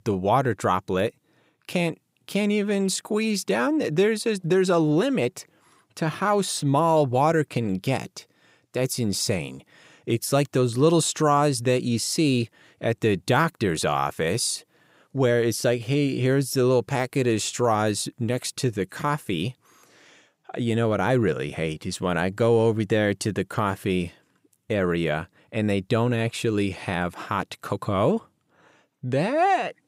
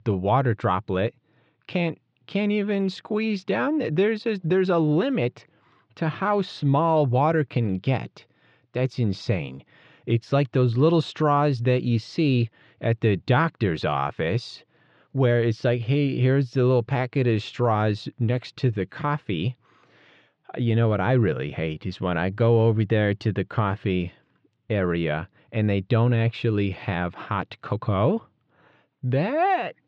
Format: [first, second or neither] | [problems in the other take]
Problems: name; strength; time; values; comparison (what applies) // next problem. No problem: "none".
first | muffled; slightly; fading above 4 kHz